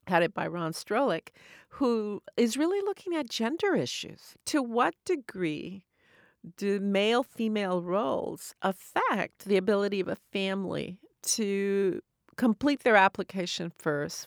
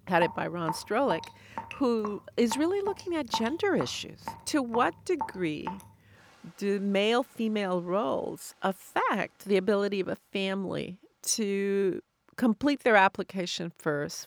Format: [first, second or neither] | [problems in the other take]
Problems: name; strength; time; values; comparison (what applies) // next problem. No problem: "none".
first | rain or running water; noticeable; throughout; 10 dB below the speech